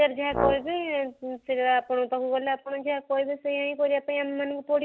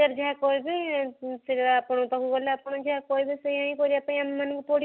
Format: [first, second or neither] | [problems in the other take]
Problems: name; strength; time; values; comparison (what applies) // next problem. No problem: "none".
second | background sound (Brass instrument); 7 dB below the speech